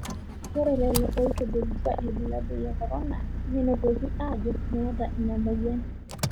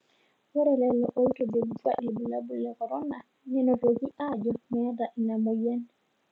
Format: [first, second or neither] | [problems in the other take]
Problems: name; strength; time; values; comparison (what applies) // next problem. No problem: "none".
second | background sound (Engine); 1 dB below the speech